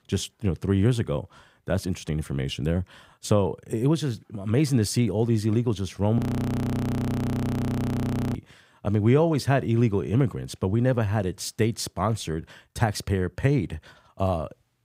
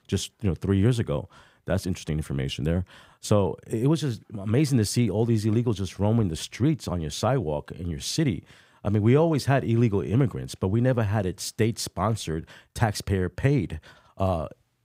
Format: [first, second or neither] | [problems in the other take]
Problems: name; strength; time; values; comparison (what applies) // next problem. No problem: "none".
second | audio freezing; at 6 s for 2 s